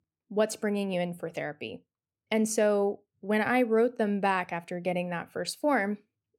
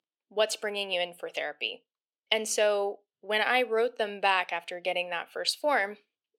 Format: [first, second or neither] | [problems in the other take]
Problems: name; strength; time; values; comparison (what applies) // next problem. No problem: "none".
first | thin; very; fading below 550 Hz